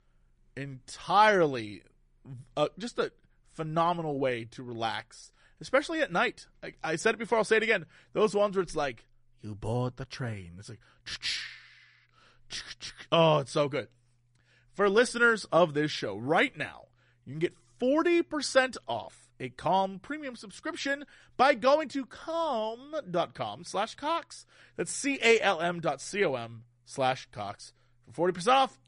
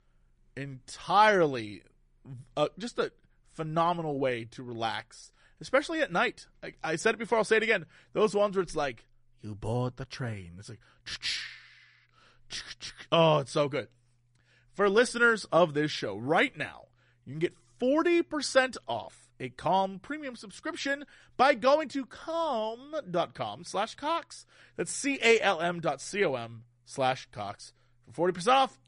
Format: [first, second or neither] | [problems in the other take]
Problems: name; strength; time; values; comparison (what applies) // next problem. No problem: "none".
neither | garbled, watery; slightly; nothing above 10.5 kHz; the same in both